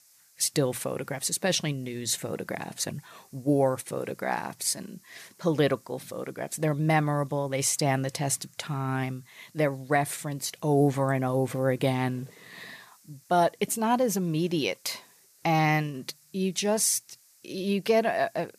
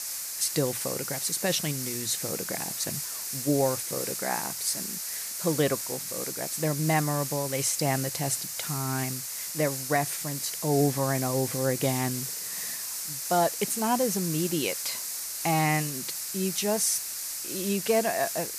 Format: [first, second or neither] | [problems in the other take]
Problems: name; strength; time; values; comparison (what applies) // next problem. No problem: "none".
first | hiss; loud; throughout; 3 dB below the speech; faint in the first